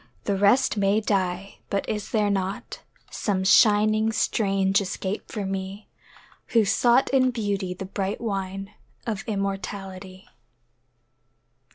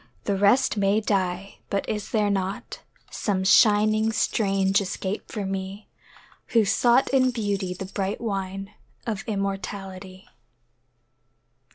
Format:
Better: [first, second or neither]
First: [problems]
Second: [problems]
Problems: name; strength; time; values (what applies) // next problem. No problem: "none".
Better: first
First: none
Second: background sound (Tambourine); 19 dB below the speech